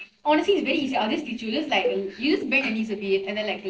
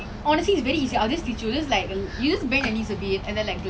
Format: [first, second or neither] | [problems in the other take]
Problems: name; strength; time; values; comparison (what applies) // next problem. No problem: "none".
second | noise reduction (neural separator model SepFormer DNS4)